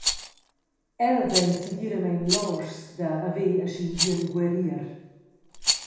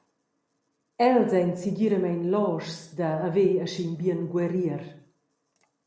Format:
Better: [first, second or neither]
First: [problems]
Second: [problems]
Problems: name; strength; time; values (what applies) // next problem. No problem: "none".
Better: second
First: background sound (Rattle); 5 dB below the speech // room echo; dies away in 0.8 s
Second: none